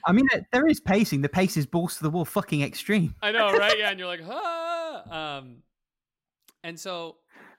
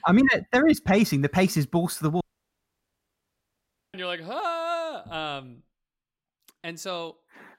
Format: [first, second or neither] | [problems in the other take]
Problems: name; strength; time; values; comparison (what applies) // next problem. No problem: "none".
first | audio cutting out; at 2 s for 1.5 s